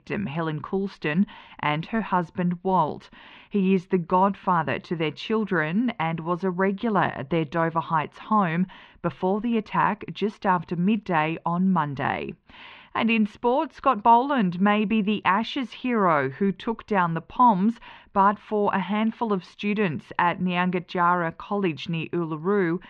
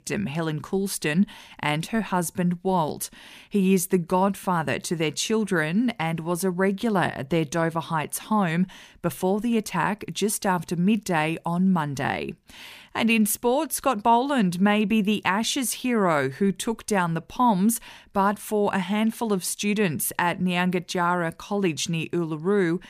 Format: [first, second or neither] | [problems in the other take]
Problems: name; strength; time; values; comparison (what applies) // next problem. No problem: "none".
second | muffled; very; fading above 3 kHz